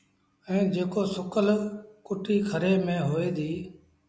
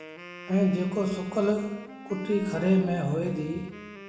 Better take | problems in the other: first | background sound (Wind instrument, woodwind instrument); 16 dB below the speech // room echo; dies away in 1 s

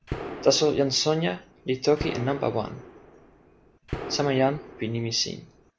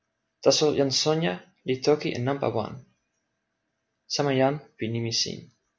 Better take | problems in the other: second | background sound (Gunshot, gunfire); 12 dB below the speech

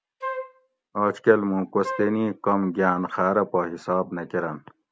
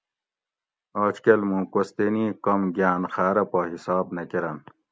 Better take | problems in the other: second | background sound (Wind instrument, woodwind instrument); 10 dB below the speech

